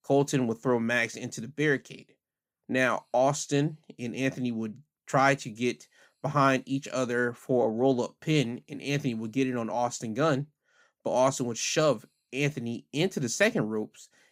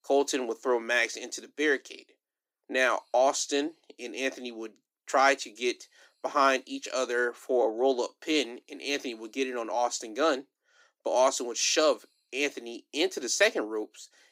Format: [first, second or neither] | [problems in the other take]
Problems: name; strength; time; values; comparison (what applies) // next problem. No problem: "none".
first | thin; somewhat; fading below 300 Hz